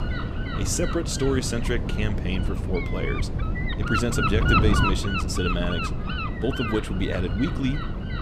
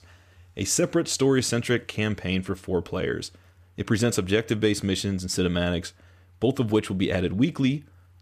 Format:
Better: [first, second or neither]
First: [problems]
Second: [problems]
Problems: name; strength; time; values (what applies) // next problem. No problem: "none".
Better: second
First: wind noise on the microphone; heavy; 1 dB above the speech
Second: none